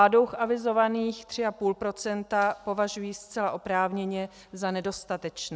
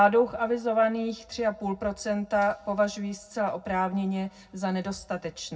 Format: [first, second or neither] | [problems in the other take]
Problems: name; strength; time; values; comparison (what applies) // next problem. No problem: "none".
first | room echo; dies away in 0.4 s